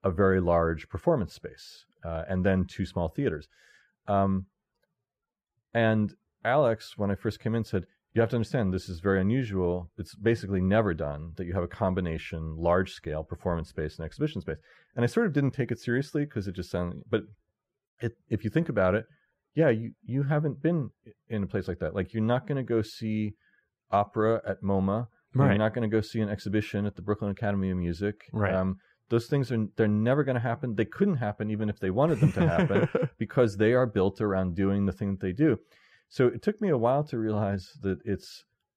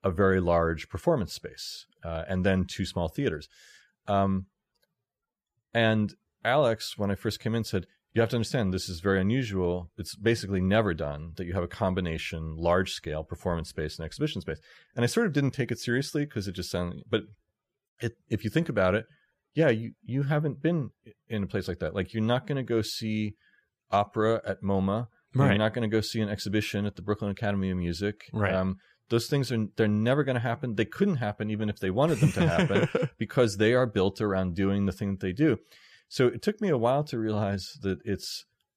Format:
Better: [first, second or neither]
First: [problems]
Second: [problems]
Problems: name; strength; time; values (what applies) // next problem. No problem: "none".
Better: second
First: muffled; slightly; fading above 2.5 kHz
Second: none